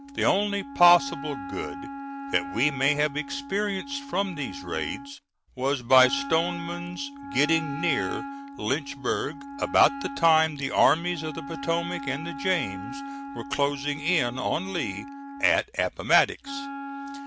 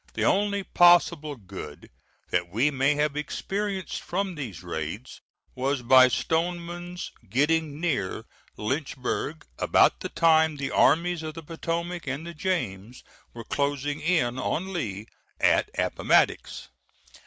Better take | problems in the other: second | background sound (Wind instrument, woodwind instrument); 10 dB below the speech

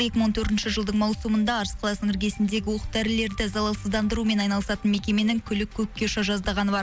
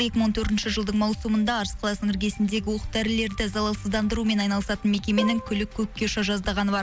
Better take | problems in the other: first | background sound (Plucked string instrument); 12 dB below the speech

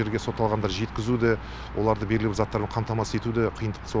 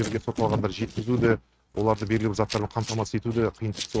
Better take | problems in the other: first | noise reduction (neural mask model RNNoise)

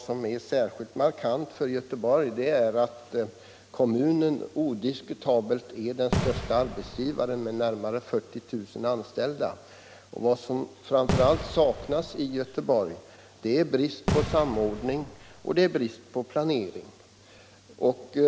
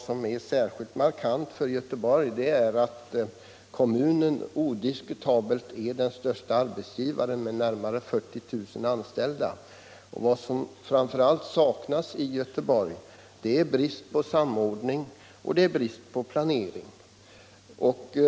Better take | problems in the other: second | background sound (Fireworks); 5 dB below the speech

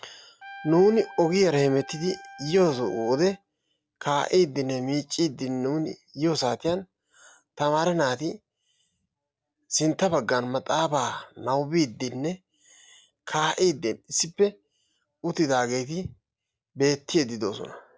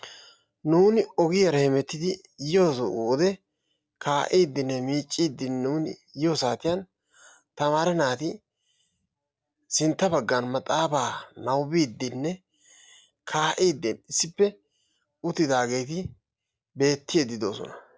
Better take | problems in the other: second | background sound (Trumpet); 18 dB below the speech

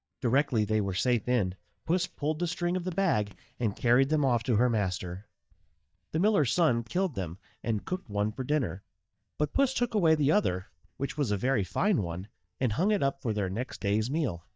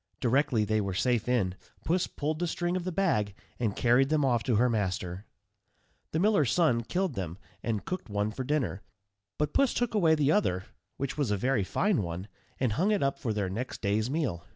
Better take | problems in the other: second | noise reduction (neural mask model DeepFilterNet 3)

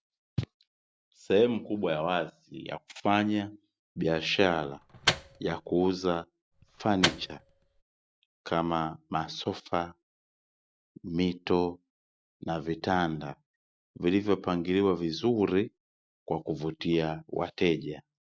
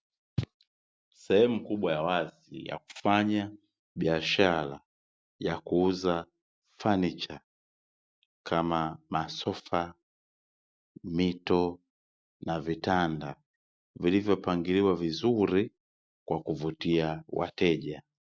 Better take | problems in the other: second | background sound (Microwave oven); 4 dB below the speech

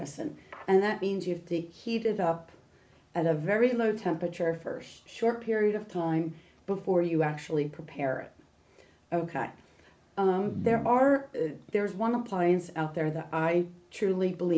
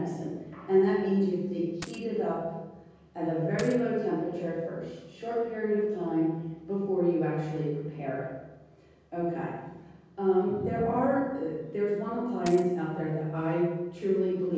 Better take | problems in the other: first | background sound (Coin (dropping)); 15 dB below the speech // room echo; dies away in 1.3 s

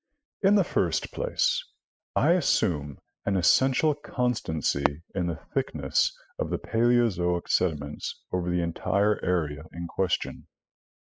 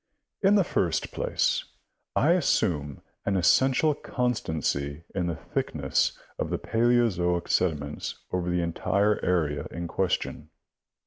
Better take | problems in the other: second | noise reduction (classical method spectral subtraction)

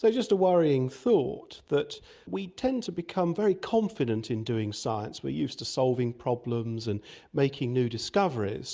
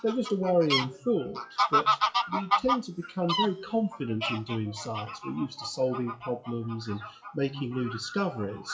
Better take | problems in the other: first | noise reduction (classical method WPE with log-MMSE)

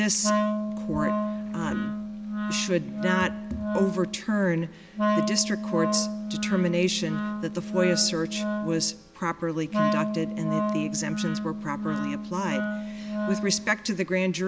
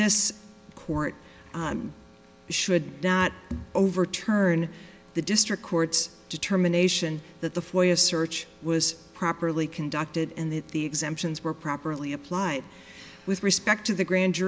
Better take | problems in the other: second | background sound (Wind instrument, woodwind instrument); 1 dB below the speech

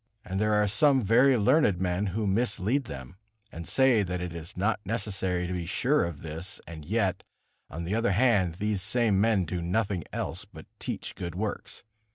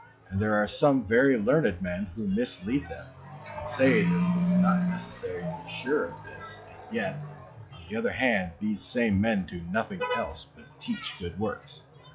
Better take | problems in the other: first | noise reduction (classical method log-MMSE)

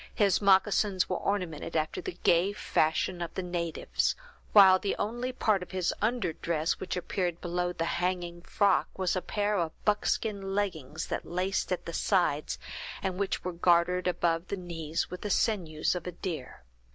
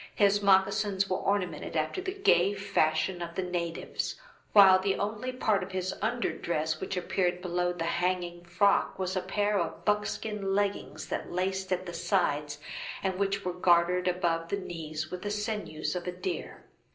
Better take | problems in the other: first | room echo; dies away in 0.5 s

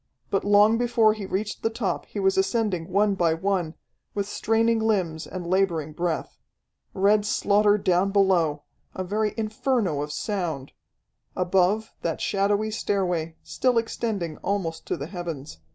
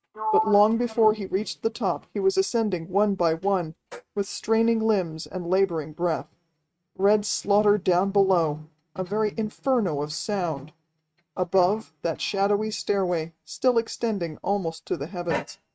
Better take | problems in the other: first | noise reduction (neural mask model RNNoise)

